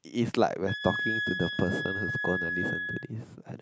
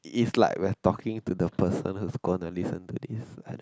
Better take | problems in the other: second | background sound (Wind instrument, woodwind instrument); 3 dB below the speech

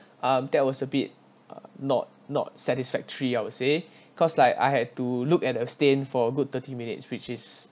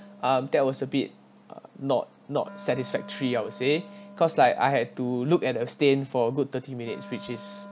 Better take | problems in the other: first | background sound (Wind instrument, woodwind instrument); 20 dB below the speech

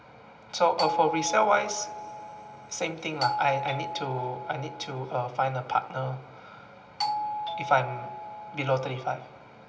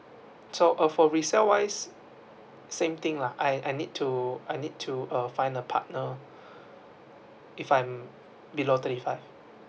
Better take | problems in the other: second | background sound (Doorbell); 5 dB below the speech // room echo; dies away in 2.4 s

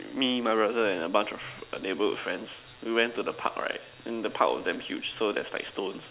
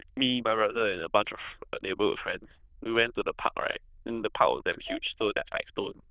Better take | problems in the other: first | noise reduction (neural diffusion model UNIVERSE++)

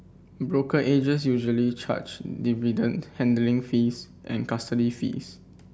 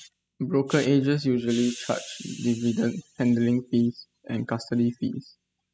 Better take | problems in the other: first | noise reduction (classical method spectral subtraction)

